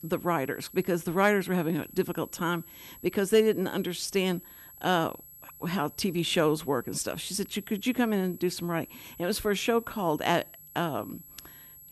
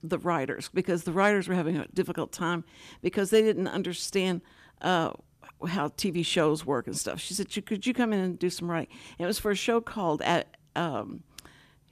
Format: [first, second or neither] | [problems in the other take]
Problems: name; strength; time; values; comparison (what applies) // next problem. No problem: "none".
second | high-pitched whine; noticeable; throughout; 11.5 kHz, 20 dB below the speech